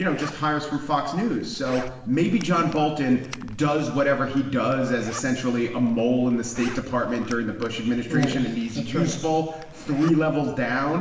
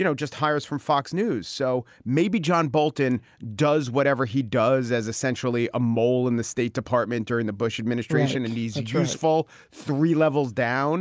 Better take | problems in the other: second | background sound (Zipper (clothing)); 17 dB below the speech // room echo; dies away in 1 s

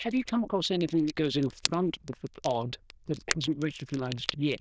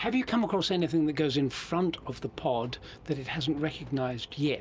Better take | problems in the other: second | noise reduction (neural diffusion model UNIVERSE++)

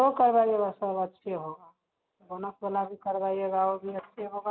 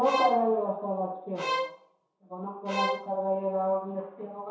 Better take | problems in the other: first | background sound (Bowed string instrument); 4 dB below the speech // room echo; dies away in 0.7 s

